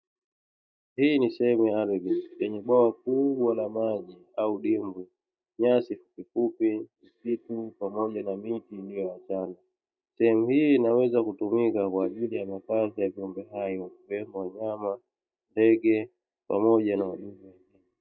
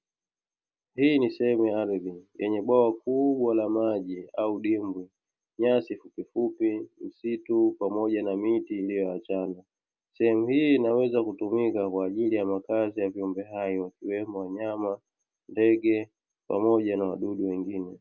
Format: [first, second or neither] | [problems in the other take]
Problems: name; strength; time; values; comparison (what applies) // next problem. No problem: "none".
second | noise reduction (neural mask model DeepFilterNet 3)